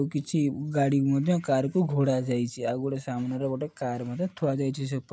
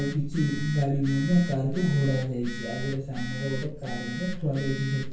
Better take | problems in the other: first | background sound (Telephone); 8 dB below the speech // room echo; dies away in 0.6 s

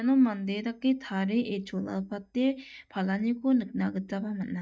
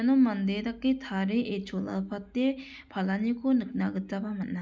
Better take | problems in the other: second | noise reduction (neural mask model DeepFilterNet 3)

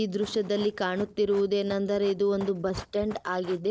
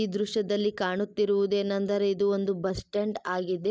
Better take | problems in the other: second | background sound (Run); 19 dB below the speech

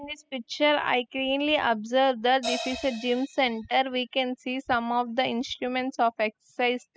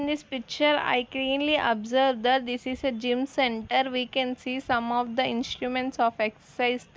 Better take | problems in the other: second | noise reduction (classical method spectral subtraction)

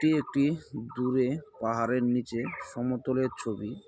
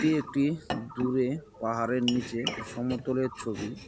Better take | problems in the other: first | background sound (Domestic sounds, home sounds); 10 dB below the speech

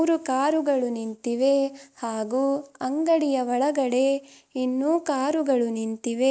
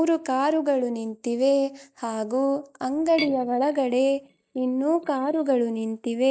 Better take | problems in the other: first | noise reduction (neural mask model DeepFilterNet 3)

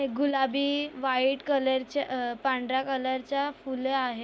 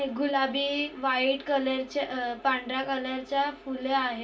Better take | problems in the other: first | room echo; dies away in 0.2 s

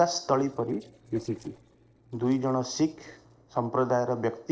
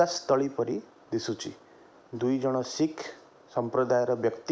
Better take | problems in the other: second | noise reduction (neural separator model SepFormer DNS4)

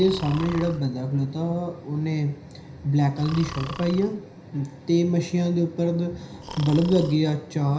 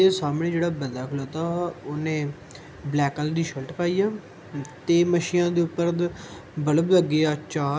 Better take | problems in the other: second | background sound (Breathing); 18 dB below the speech // room echo; dies away in 0.5 s

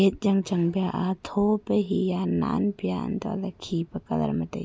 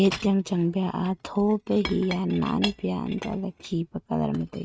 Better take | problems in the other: first | noise reduction (neural mask model RNNoise)

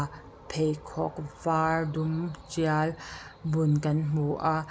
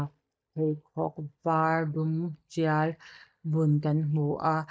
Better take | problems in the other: first | noise reduction (neural mask model DeepFilterNet 3)

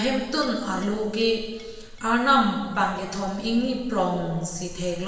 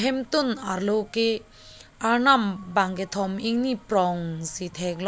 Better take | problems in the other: second | background sound (Chink, clink); 18 dB below the speech // room echo; dies away in 1.3 s

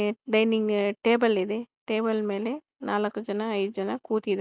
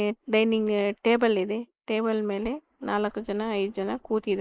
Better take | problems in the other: first | noise reduction (neural mask model Resemble Enhance denoiser)

